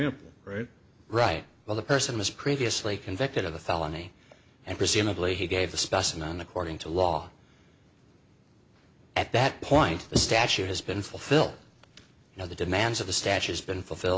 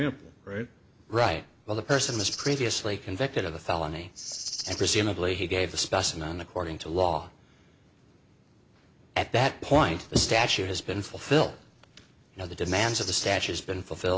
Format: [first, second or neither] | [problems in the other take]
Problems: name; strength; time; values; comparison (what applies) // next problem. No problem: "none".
first | background sound (Rattle (instrument)); 9 dB below the speech